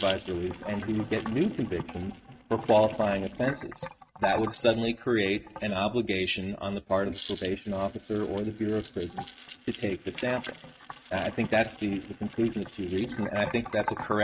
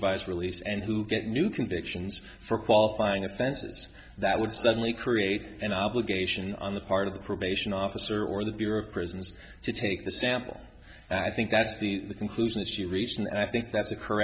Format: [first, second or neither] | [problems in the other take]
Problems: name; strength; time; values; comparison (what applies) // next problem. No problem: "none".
second | noise reduction (neural mask model RNNoise)